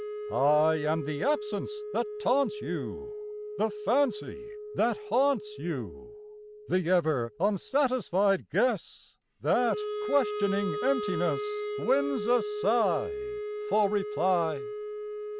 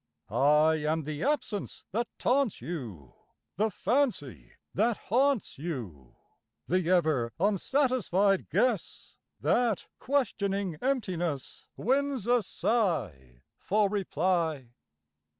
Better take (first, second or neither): second